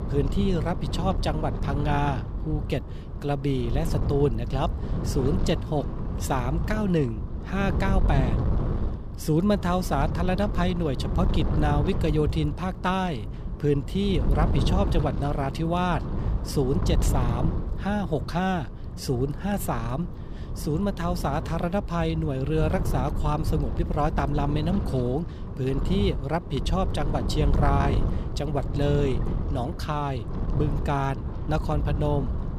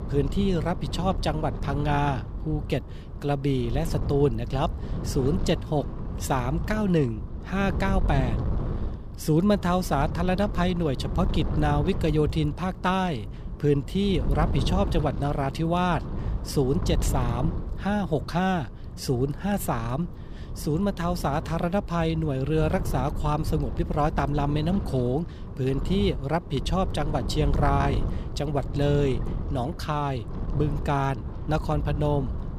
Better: second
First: wind noise on the microphone; heavy; 9 dB below the speech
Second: wind noise on the microphone; occasional gusts; 15 dB below the speech

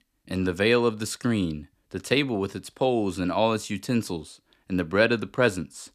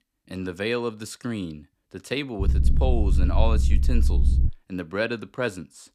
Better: first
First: none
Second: low rumble; noticeable; from 2.5 to 4.5 s; 10 dB below the speech

